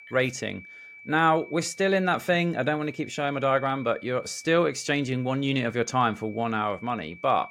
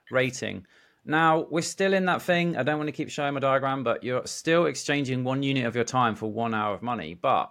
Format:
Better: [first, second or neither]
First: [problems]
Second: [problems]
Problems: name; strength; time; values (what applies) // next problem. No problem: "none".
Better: second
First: high-pitched whine; noticeable; throughout; 2.5 kHz, 20 dB below the speech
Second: none